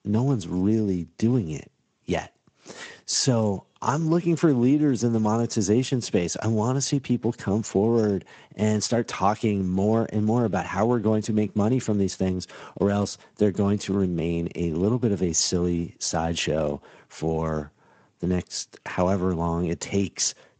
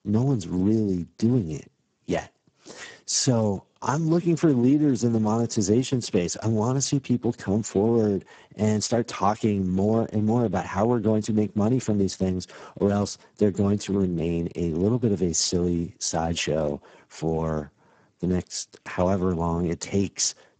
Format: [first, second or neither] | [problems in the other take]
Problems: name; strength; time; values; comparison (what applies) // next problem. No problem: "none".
first | garbled, watery; badly; nothing above 7.5 kHz; slightly in the first